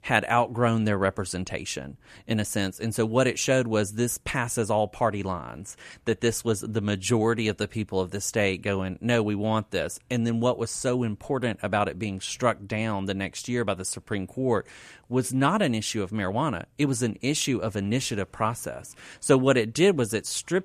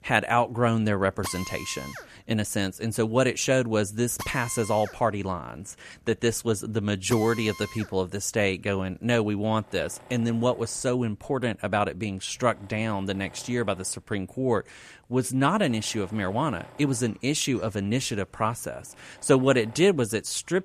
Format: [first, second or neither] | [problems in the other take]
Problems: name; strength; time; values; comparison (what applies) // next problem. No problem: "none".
first | machinery noise; noticeable; throughout; 15 dB below the speech